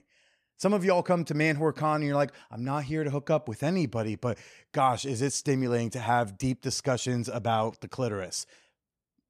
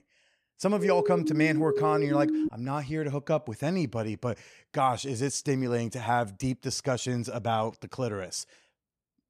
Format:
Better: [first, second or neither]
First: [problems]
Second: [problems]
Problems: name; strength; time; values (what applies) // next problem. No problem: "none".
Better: first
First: none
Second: siren; loud; from 1 to 2.5 s; peak 2 dB above the speech